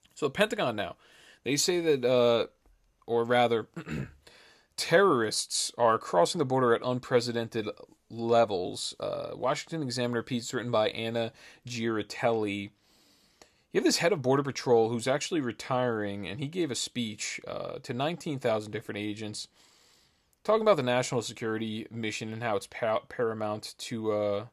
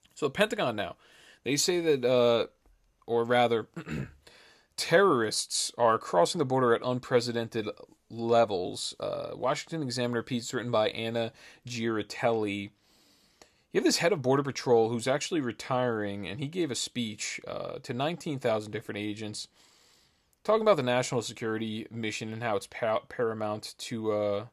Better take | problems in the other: neither | none

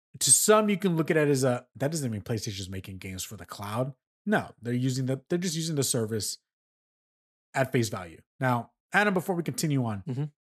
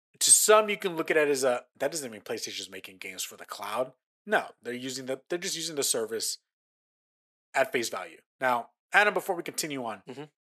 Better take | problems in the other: first | thin; somewhat; fading below 500 Hz

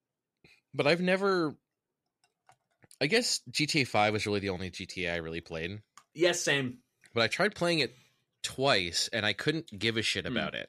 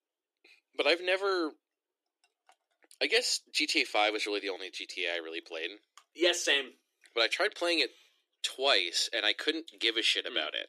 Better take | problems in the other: first | thin; somewhat; fading below 300 Hz

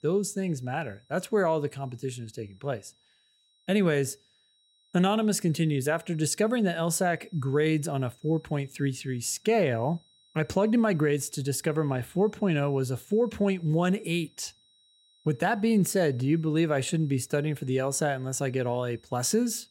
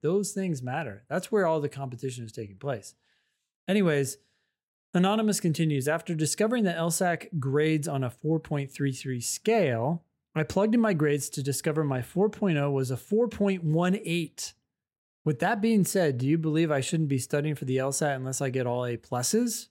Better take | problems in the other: second | high-pitched whine; faint; throughout; 4 kHz, 35 dB below the speech

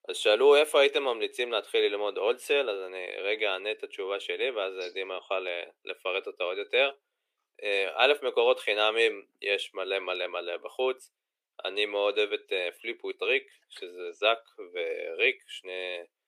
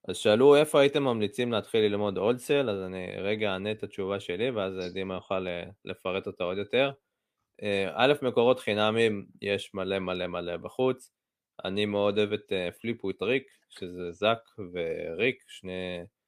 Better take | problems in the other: second | thin; very; fading below 350 Hz

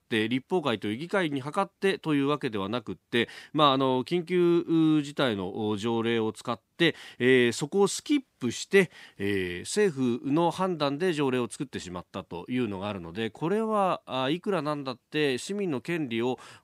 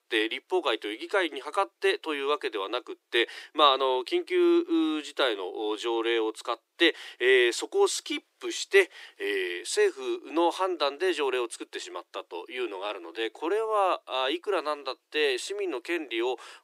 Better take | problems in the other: first | thin; very; fading below 350 Hz

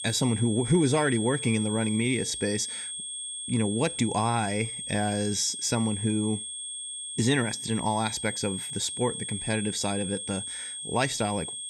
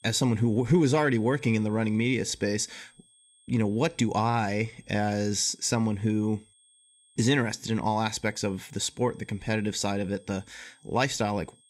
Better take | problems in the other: second | high-pitched whine; loud; throughout; 8.5 kHz, 5 dB below the speech; faint in the second

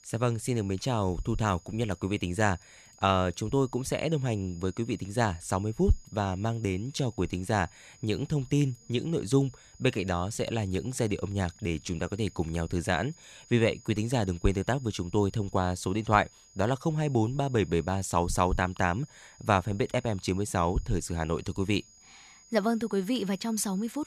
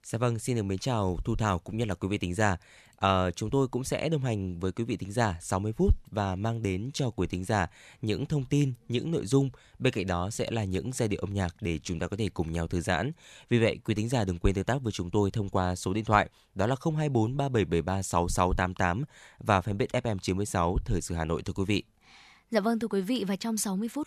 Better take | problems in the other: second | high-pitched whine; faint; throughout; 6.5 kHz, 25 dB below the speech

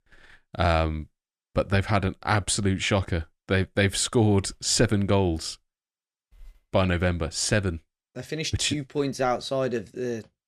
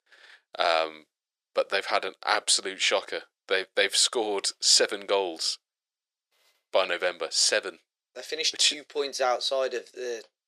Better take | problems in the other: first | thin; very; fading below 450 Hz

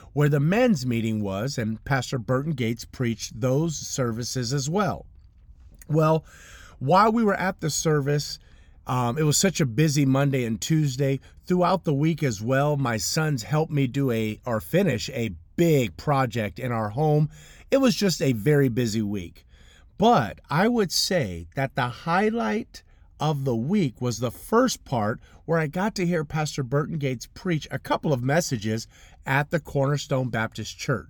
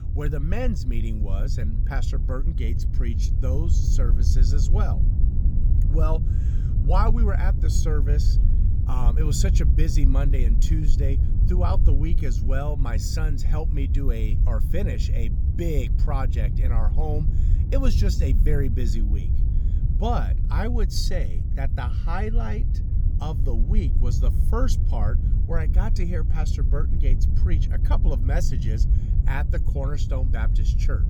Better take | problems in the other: first | low rumble; loud; throughout; 7 dB below the speech

